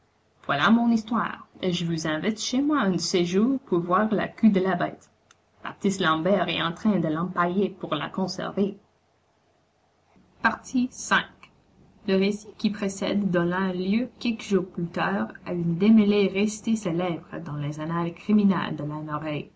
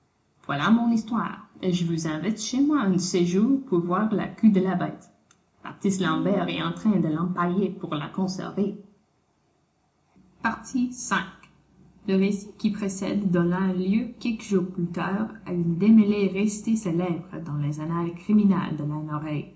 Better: first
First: none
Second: background sound (Piano); 13 dB below the speech // room echo; dies away in 0.4 s

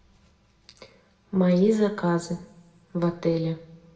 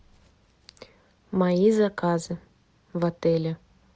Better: second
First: room echo; dies away in 0.6 s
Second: none

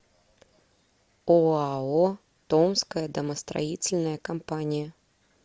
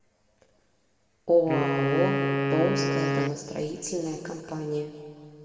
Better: first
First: none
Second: background sound (Wind instrument, woodwind instrument); 1 dB above the speech // room echo; dies away in 2.2 s

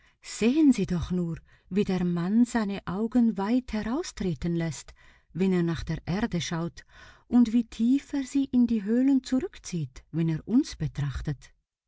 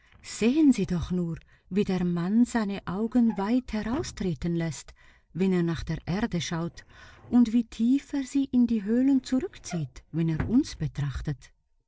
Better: first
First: none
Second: noise reduction (neural separator model SepFormer DNS4)

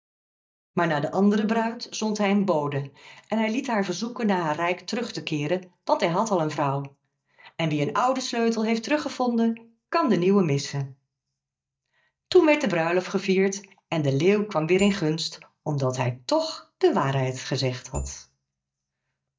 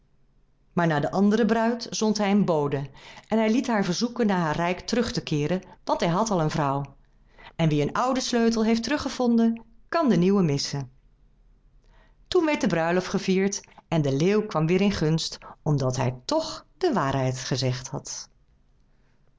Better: second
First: noise reduction (neural mask model DeepFilterNet 3)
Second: none

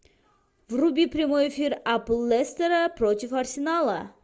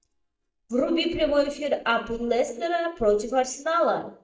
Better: first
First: none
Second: noise reduction (neural mask model DeepFilterNet 3)

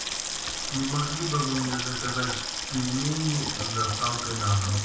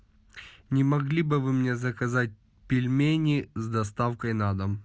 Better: second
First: background sound (Sink (filling or washing) / Water tap, faucet); 3 dB below the speech // room echo; dies away in 0.7 s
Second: none

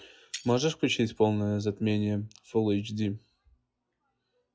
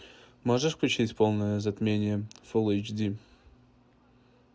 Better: second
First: noise reduction (classical method log-MMSE)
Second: none

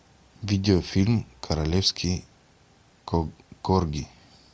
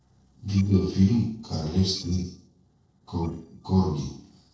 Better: first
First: none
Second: noise reduction (neural separator model SepFormer DNS4)

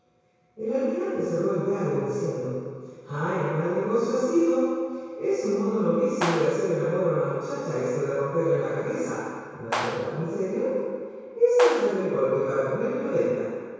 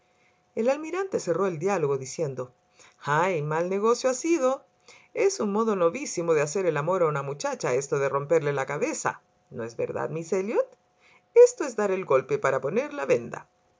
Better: second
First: background sound (Clapping); 9 dB below the speech // room echo; dies away in 2 s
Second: none

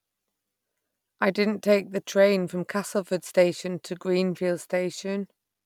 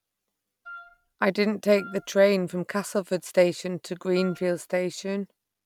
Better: first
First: none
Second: background sound (Wind instrument, woodwind instrument); 20 dB below the speech

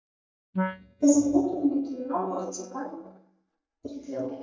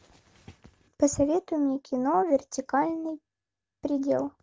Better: second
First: noise reduction (neural mask model DeepFilterNet 3)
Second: none

